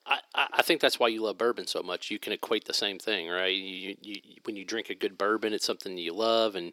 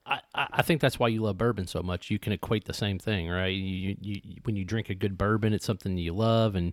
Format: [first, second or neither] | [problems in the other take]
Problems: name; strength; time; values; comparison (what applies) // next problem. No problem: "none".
second | thin; very; fading below 350 Hz